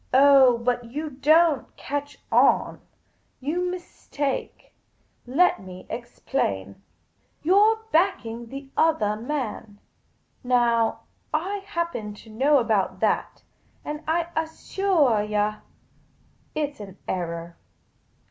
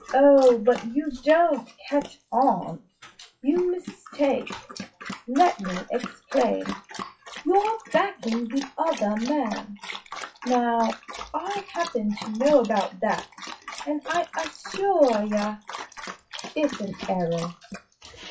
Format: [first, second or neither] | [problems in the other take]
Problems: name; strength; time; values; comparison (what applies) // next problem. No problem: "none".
first | noise reduction (classical method WPE with log-MMSE)